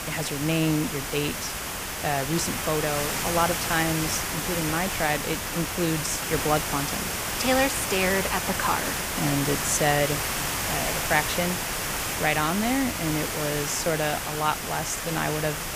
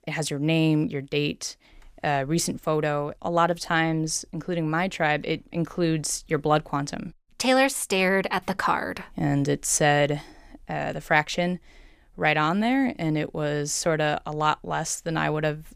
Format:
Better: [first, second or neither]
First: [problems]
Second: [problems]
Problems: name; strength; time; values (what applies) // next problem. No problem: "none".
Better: second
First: hiss; loud; throughout; 1 dB below the speech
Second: none